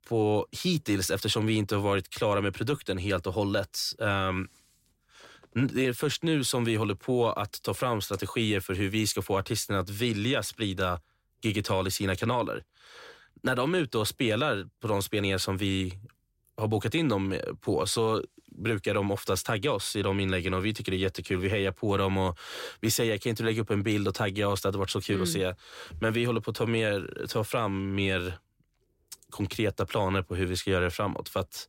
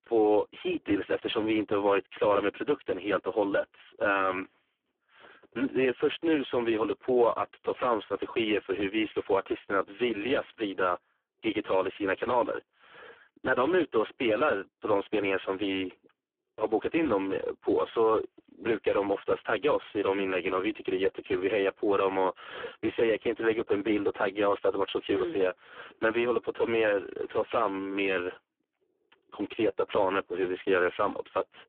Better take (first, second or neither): first